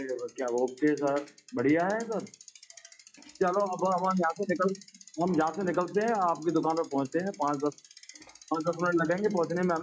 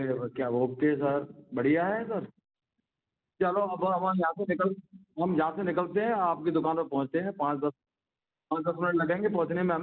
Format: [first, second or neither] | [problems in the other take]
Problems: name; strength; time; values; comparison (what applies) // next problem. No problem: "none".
second | noise reduction (classical method log-MMSE)